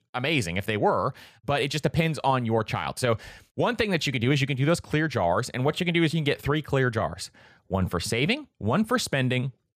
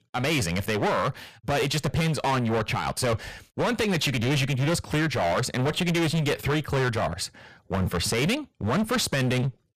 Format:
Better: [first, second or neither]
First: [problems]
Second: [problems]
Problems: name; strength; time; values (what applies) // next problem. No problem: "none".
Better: first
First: none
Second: distortion; heavy; 24% of the sound clipped